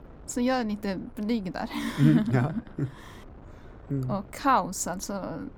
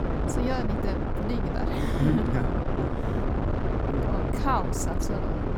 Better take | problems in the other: first | wind noise on the microphone; heavy; as loud as the speech; occasional gusts in the first

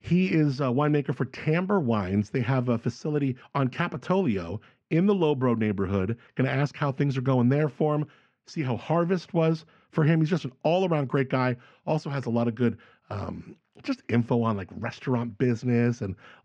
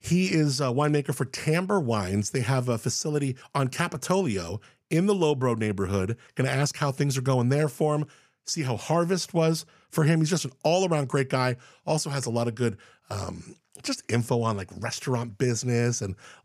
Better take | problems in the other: second | muffled; slightly; fading above 3 kHz

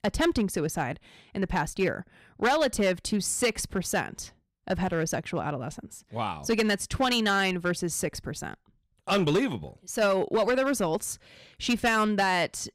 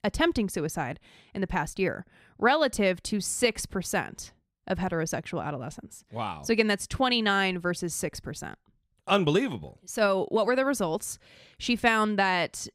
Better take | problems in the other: second | distortion; slight; 4% of the sound clipped

